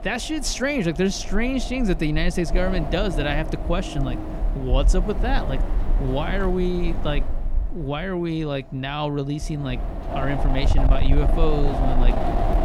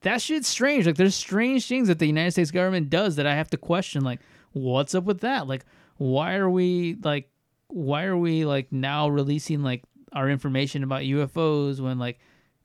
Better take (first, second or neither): second